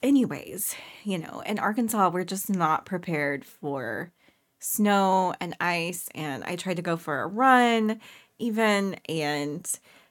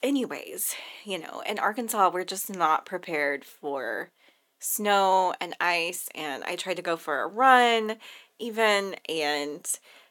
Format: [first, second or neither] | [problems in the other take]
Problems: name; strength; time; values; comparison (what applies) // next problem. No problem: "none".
first | thin; somewhat; fading below 450 Hz